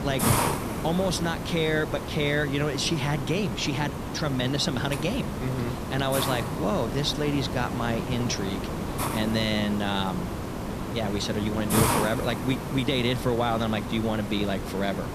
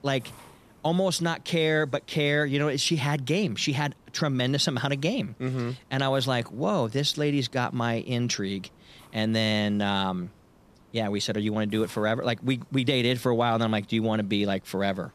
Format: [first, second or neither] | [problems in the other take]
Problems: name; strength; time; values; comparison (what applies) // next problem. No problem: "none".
second | hiss; loud; throughout; 3 dB below the speech; faint in the second